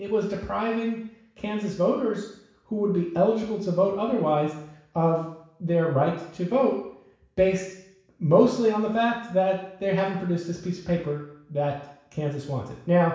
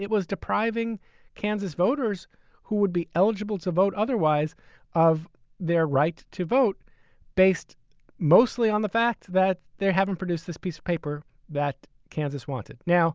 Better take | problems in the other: second | room echo; dies away in 0.7 s

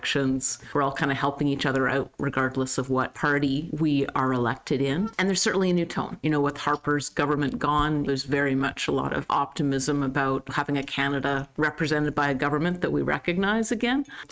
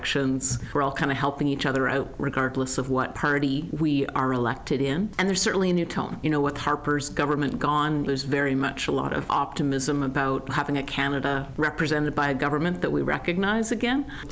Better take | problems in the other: second | noise reduction (neural mask model RNNoise)

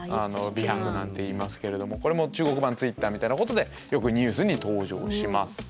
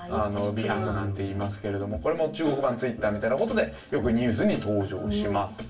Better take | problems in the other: first | room echo; dies away in 0.3 s

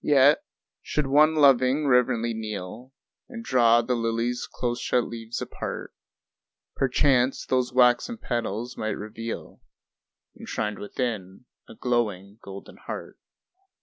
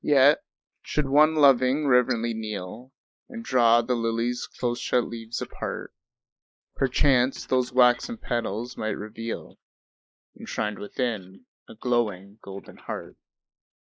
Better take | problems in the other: first | noise reduction (neural mask model Resemble Enhance denoiser)

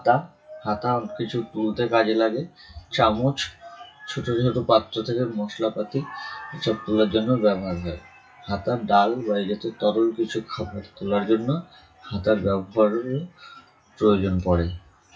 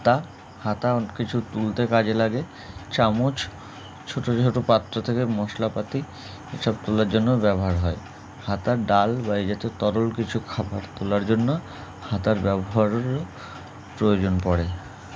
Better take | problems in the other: second | noise reduction (classical method WPE with log-MMSE)

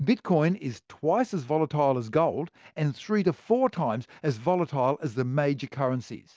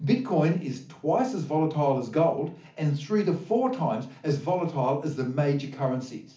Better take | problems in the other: first | room echo; dies away in 0.4 s

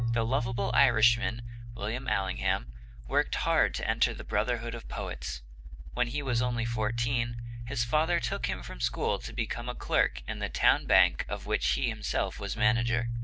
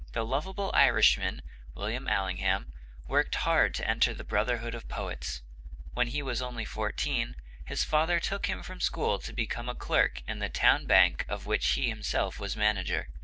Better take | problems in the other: second | background sound (Keyboard (musical)); 7 dB below the speech

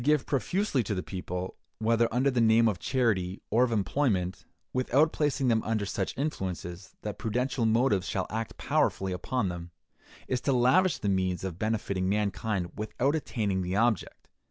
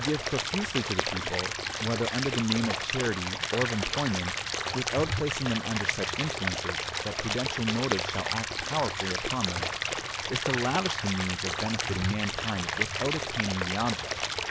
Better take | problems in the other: first | background sound (Stream / Liquid); as loud as the speech

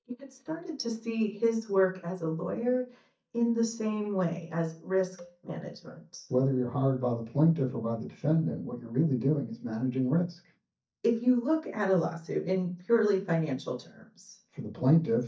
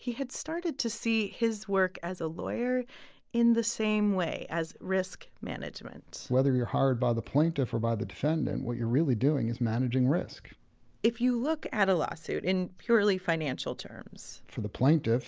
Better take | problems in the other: second | noise reduction (neural mask model DeepFilterNet 3)

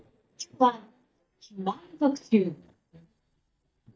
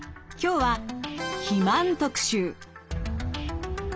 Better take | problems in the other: second | noise reduction (neural mask model DeepFilterNet 3)

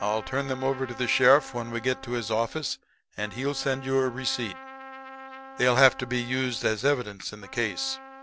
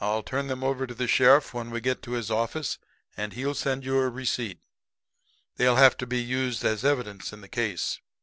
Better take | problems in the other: second | background sound (Trumpet); 17 dB below the speech

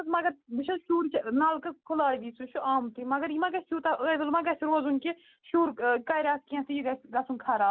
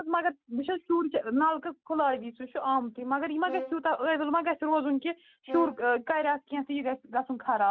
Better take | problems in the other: first | noise reduction (neural mask model RNNoise)

